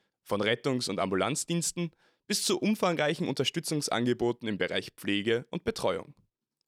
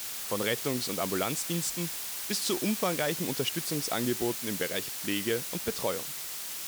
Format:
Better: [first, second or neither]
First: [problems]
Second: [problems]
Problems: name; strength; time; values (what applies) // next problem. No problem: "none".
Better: first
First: none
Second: hiss; loud; throughout; 1 dB below the speech